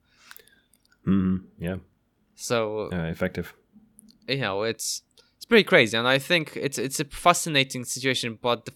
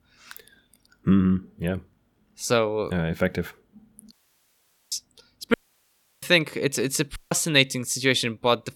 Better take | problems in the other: first | audio cutting out; at 4 s for 1 s, at 5.5 s for 0.5 s and at 7 s

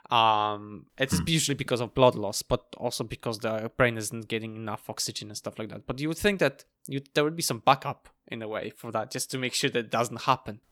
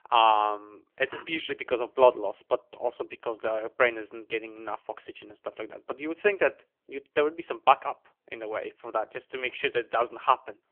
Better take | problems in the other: first | phone-call audio; poor line; nothing above 3.5 kHz

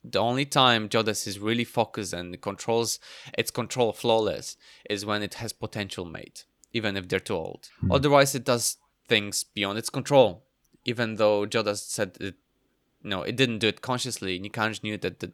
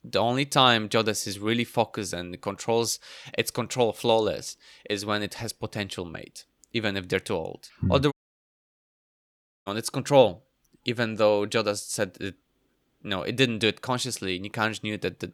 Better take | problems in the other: first | audio cutting out; at 8 s for 1.5 s

